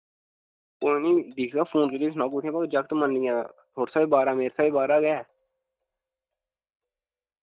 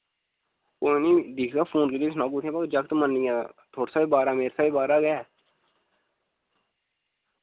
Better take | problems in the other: second | noise reduction (neural mask model DeepFilterNet 3)

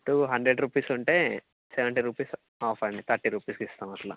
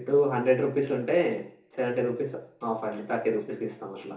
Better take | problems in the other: first | room echo; dies away in 0.7 s

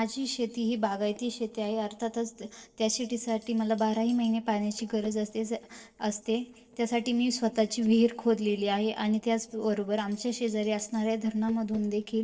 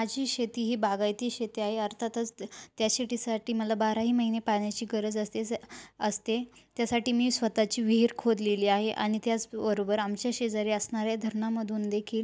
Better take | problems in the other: second | noise reduction (neural separator model SepFormer DNS4)

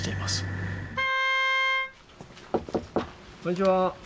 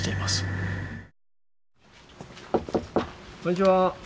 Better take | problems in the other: second | background sound (Wind instrument, woodwind instrument); 2 dB above the speech

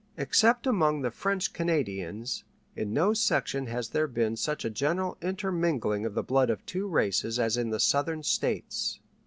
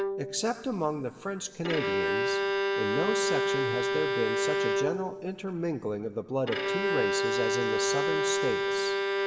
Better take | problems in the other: first | background sound (Bowed string instrument); 3 dB above the speech // room echo; dies away in 2 s

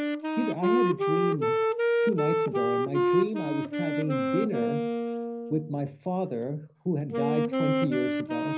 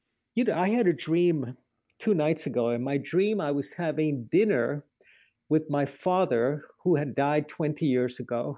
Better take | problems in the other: second | background sound (Wind instrument, woodwind instrument); 3 dB above the speech // room echo; dies away in 0.4 s

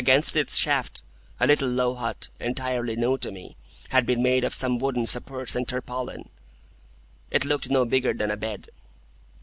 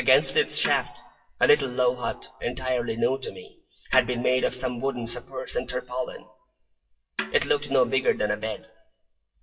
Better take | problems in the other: first | noise reduction (classical method WPE with log-MMSE)

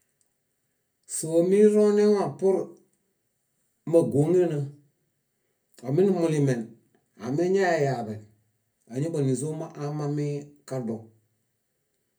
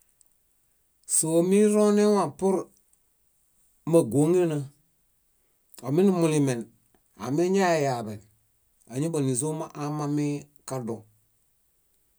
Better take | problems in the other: second | room echo; dies away in 0.3 s

